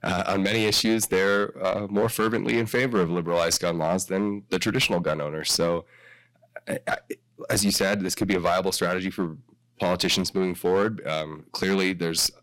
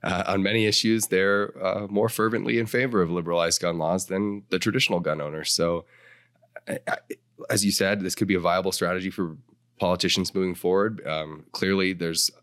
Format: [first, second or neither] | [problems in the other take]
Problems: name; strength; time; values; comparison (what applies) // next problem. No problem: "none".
second | distortion; slight; 7% of the sound clipped